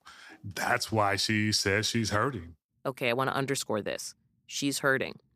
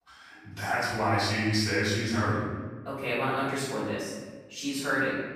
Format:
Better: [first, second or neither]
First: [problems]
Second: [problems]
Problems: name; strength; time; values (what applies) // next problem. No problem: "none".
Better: first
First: none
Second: off-mic speech; far // room echo; strong; dies away in 1.4 s